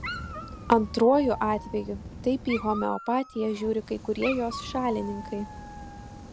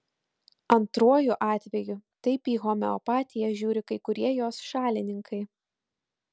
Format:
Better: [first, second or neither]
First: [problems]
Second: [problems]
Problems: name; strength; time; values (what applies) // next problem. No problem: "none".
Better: second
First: background sound (Fire + Dog); 11 dB below the speech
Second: none